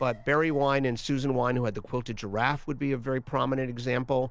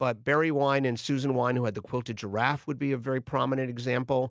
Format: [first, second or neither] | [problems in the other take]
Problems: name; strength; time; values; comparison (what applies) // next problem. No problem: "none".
second | background sound (Alarm); 17 dB below the speech